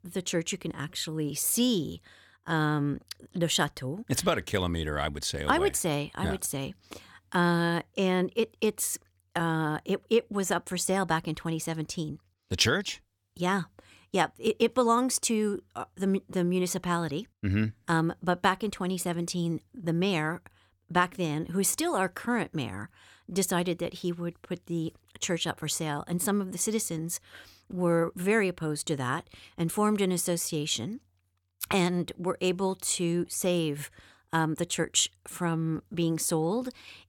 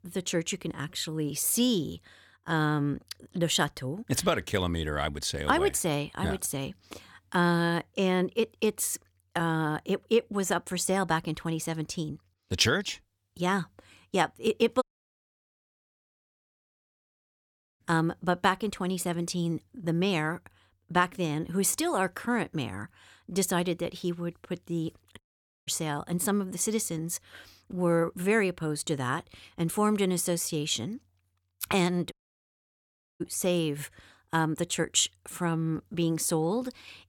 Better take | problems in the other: first | audio cutting out; at 15 s for 3 s, at 25 s and at 32 s for 1 s

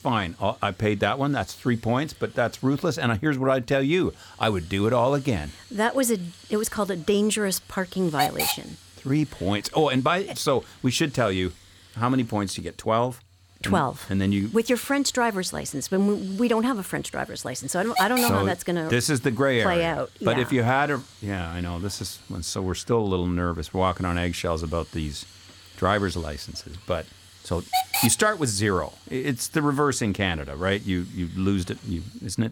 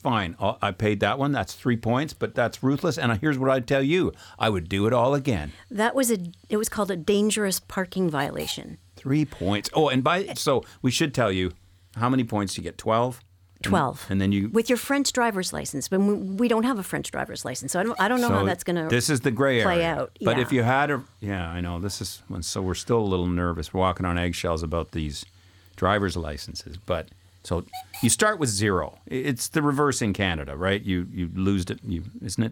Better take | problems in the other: second | hiss; loud; throughout; 7 dB below the speech; faint in the second

